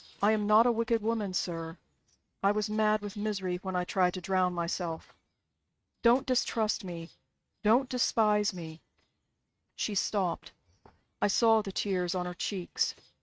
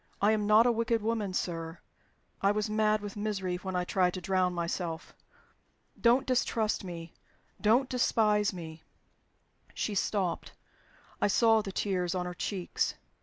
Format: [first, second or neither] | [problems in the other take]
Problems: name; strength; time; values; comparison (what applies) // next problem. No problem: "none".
second | noise reduction (neural mask model RNNoise)